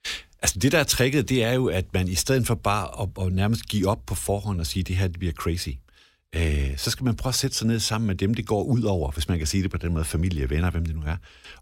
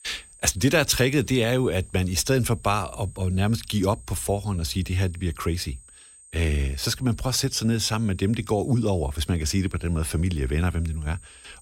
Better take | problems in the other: first | high-pitched whine; faint; throughout; 8.5 kHz, 25 dB below the speech

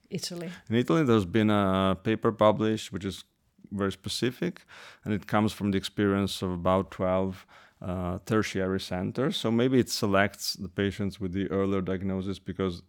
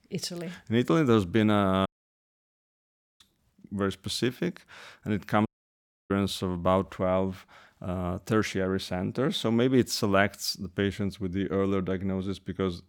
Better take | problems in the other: first | audio cutting out; at 2 s for 1.5 s and at 5.5 s for 0.5 s

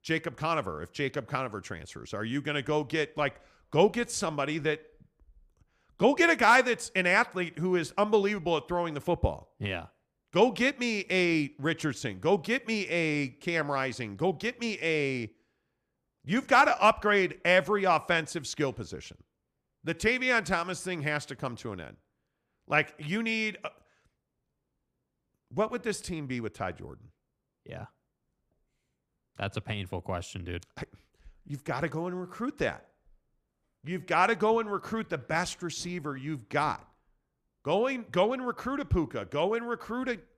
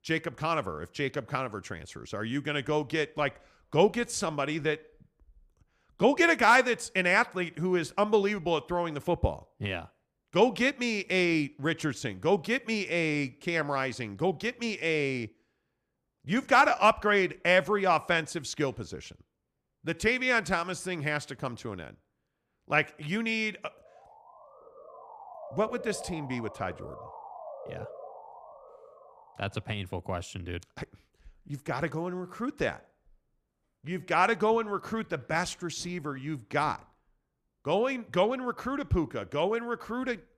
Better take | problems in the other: first | siren; faint; from 24 to 29 s; peak 15 dB below the speech

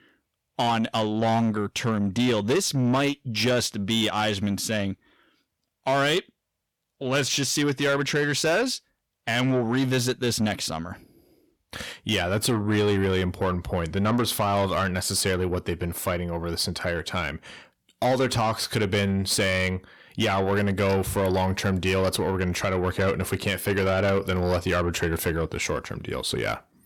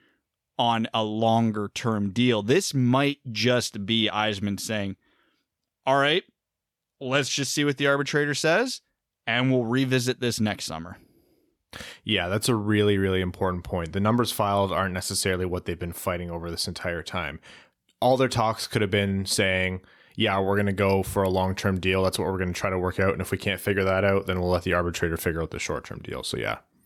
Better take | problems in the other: second | distortion; slight; 10 dB below the speech

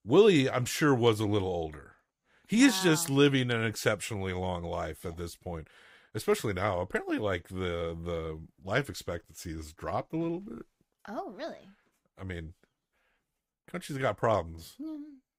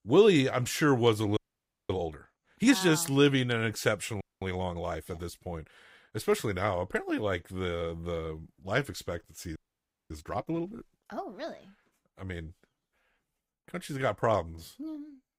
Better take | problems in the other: first | audio freezing; at 1.5 s for 0.5 s, at 4 s and at 9.5 s for 0.5 s

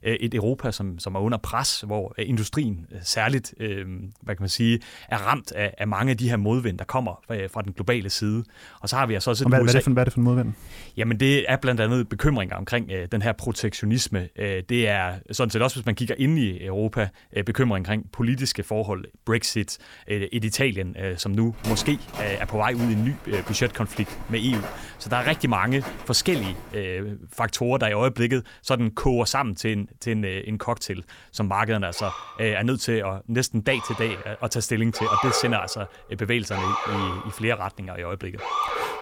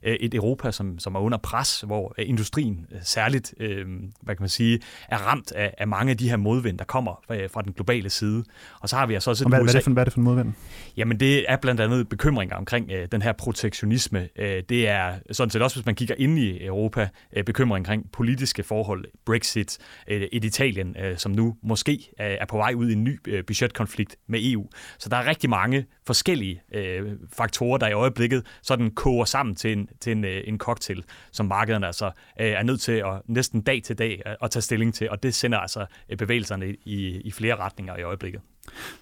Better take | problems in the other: second | footsteps; noticeable; from 22 to 27 s; peak 7 dB below the speech // siren; loud; from 32 s on; peak 2 dB above the speech

